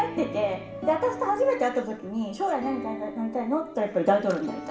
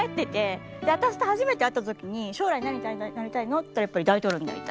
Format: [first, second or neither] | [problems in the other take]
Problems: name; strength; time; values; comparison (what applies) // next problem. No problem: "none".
second | room echo; dies away in 0.8 s